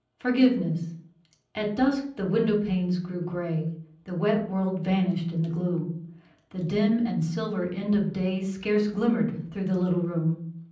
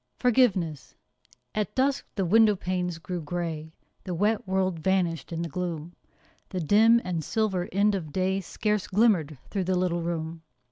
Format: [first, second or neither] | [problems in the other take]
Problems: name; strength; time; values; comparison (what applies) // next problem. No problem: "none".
second | room echo; dies away in 0.6 s